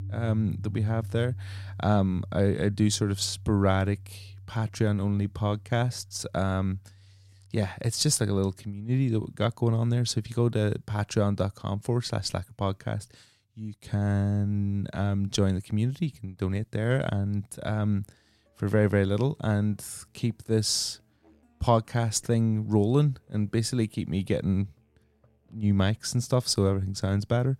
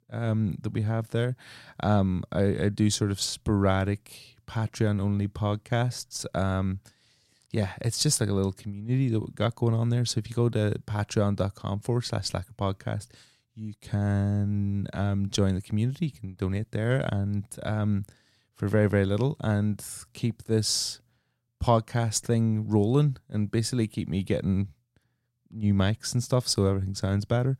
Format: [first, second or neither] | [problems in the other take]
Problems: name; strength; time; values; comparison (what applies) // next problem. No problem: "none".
second | background music; noticeable; throughout; 15 dB below the speech